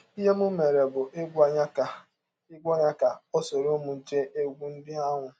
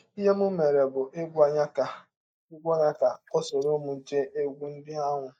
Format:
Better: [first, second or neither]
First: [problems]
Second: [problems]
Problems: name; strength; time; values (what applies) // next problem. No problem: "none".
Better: first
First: none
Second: noise reduction (neural mask model Resemble Enhance denoiser)